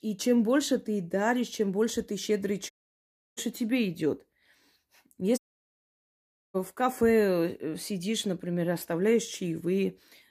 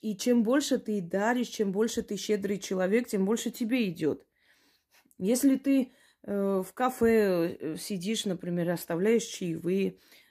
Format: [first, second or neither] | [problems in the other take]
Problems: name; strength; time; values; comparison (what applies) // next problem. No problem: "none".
second | audio cutting out; at 2.5 s for 0.5 s and at 5.5 s for 1 s